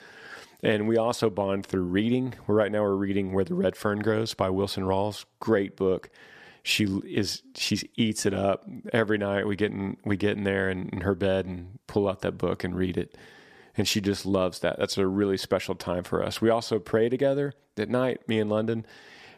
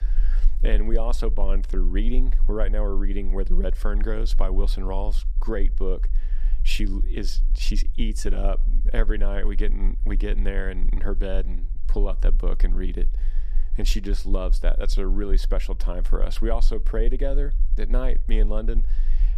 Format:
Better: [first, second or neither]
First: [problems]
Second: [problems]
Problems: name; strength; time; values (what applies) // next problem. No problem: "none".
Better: first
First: none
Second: low rumble; faint; throughout; 20 dB below the speech